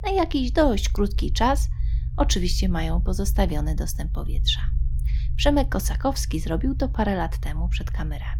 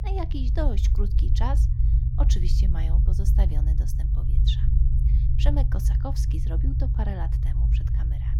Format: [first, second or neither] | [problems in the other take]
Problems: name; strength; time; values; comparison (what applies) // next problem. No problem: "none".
first | low rumble; loud; throughout; 4 dB below the speech; faint in the first